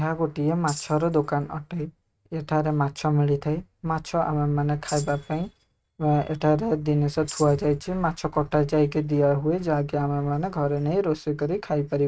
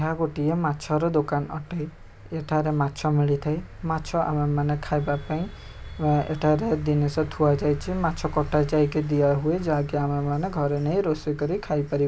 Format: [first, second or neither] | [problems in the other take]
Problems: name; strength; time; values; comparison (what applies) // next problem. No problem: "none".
second | noise reduction (neural mask model RNNoise)